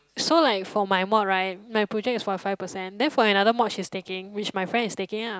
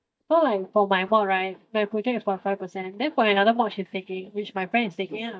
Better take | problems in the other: first | noise reduction (neural mask model DeepFilterNet 3)

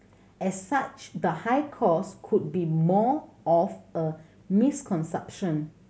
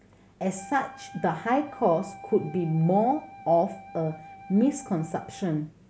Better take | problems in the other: first | background sound (Wind instrument, woodwind instrument); 19 dB below the speech

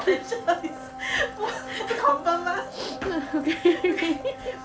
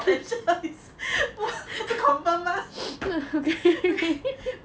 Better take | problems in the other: second | background sound (Domestic sounds, home sounds); 12 dB below the speech

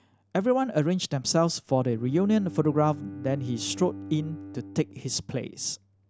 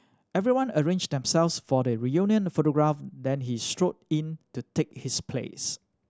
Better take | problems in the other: second | background sound (Bowed string instrument); 16 dB below the speech

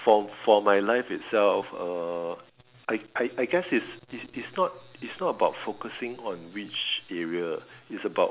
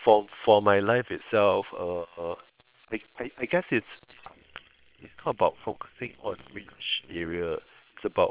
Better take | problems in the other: first | noise reduction (neural separator model SepFormer WHAM!)

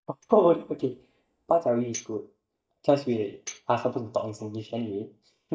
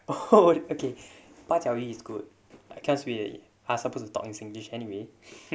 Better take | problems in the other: second | noise reduction (neural mask model DeepFilterNet 3)

